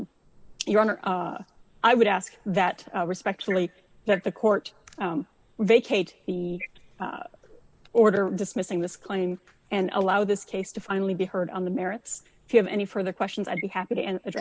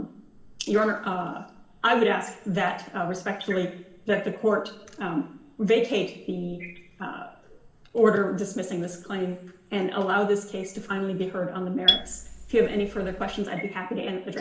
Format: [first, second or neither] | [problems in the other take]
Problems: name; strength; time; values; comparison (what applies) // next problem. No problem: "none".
first | background sound (Marimba, xylophone); 1 dB below the speech // room echo; dies away in 1.2 s